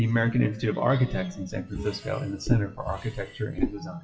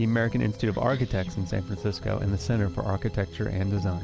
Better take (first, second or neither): second